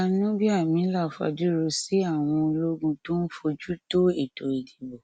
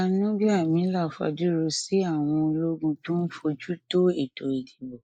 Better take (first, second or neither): first